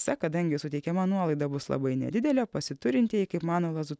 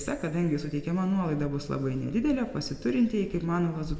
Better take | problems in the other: first | background sound (Walk, footsteps); 15 dB below the speech // room echo; dies away in 1.4 s

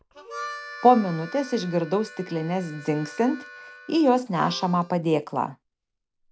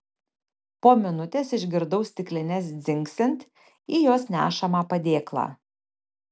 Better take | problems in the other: second | background sound (Harmonica); 17 dB below the speech

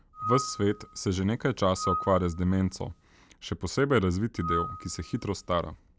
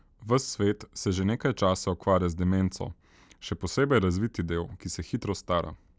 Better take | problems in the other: second | background sound (Screech / Glass); 8 dB below the speech

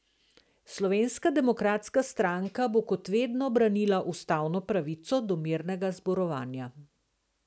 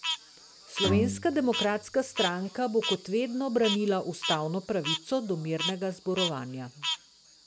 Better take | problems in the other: first | background sound (Frog + Bowed string instrument); 5 dB below the speech

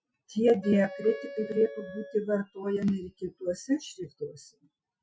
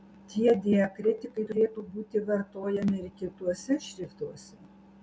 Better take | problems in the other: second | noise reduction (classical method Wiener filter)

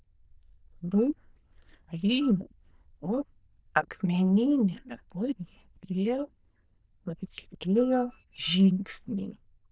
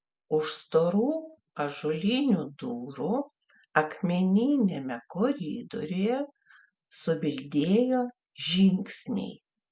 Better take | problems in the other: second | noise reduction (neural diffusion model UNIVERSE++)

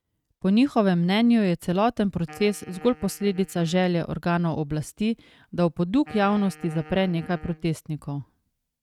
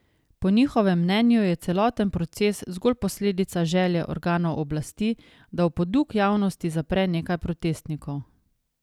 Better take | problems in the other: second | noise reduction (neural mask model RNNoise)

